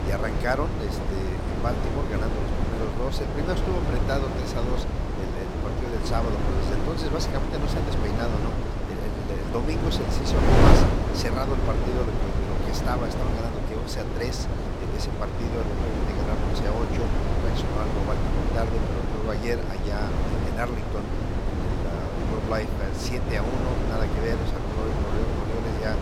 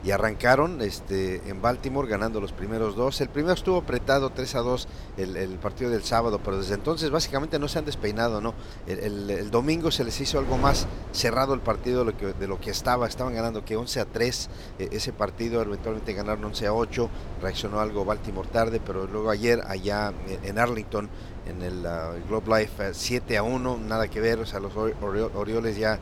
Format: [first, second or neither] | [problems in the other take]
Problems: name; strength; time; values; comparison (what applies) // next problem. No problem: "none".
second | wind noise on the microphone; heavy; 1 dB above the speech; occasional gusts in the second